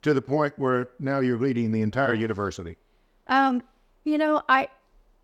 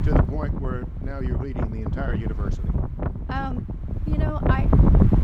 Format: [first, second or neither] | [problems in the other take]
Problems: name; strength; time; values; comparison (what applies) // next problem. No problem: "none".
first | wind noise on the microphone; heavy; 1 dB above the speech